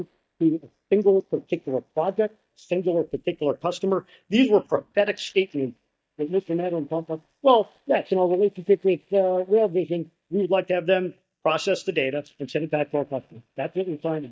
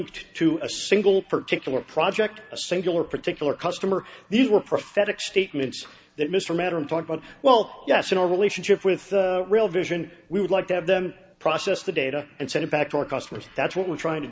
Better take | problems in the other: second | noise reduction (neural mask model DeepFilterNet 3)

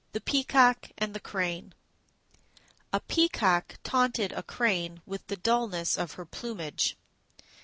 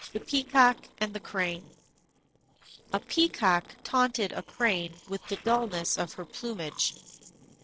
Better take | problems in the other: first | noise reduction (neural separator model SepFormer DNS4)

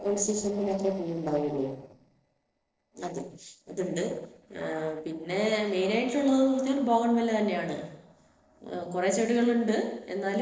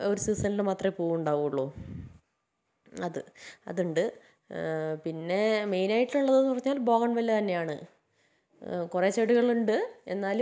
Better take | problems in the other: second | noise reduction (neural separator model SepFormer DNS4)

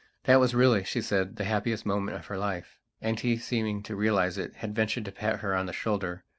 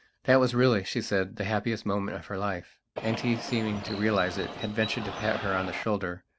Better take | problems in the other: first | background sound (Bird); 9 dB below the speech

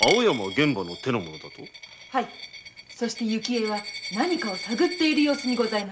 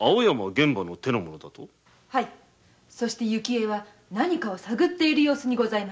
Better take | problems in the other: second | background sound (Coin (dropping)); 9 dB below the speech

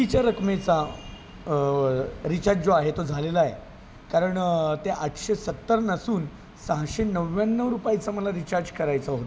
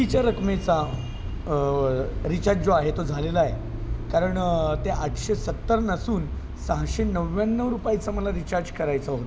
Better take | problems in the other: first | background sound (Motor vehicle (road)); 6 dB below the speech

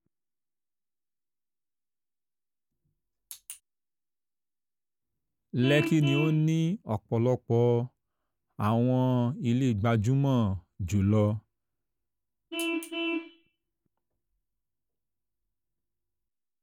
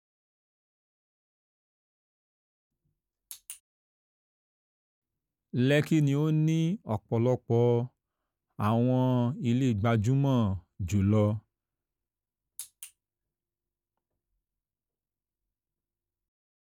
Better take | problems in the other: second | background sound (Vehicle horn, car horn, honking); 12 dB below the speech

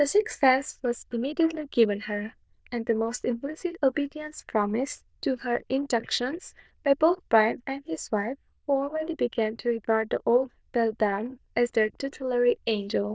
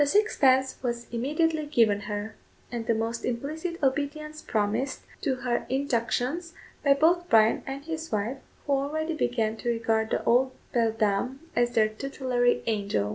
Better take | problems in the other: second | noise reduction (neural diffusion model UNIVERSE++)

